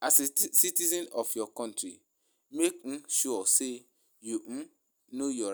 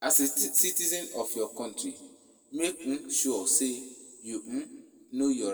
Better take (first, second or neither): first